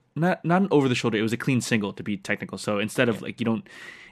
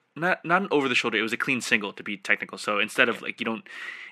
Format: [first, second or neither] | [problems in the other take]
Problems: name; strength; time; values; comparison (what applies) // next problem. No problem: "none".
first | thin; somewhat; fading below 250 Hz